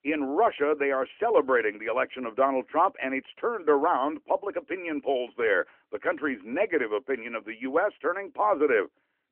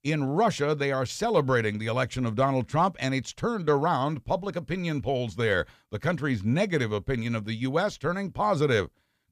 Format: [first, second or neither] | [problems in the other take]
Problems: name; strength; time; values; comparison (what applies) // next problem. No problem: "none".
second | phone-call audio; nothing above 3 kHz